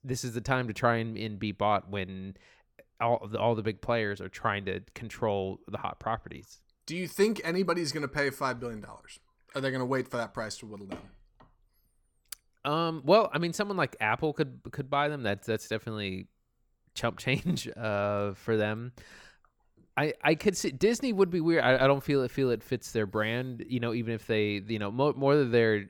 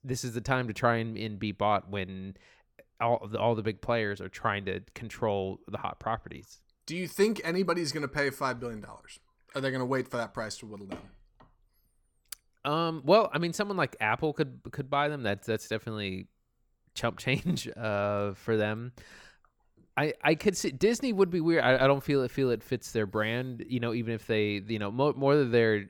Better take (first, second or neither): neither